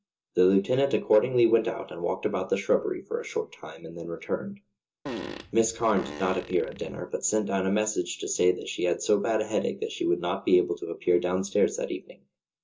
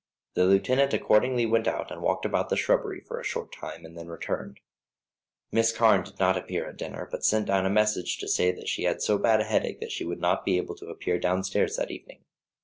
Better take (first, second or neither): second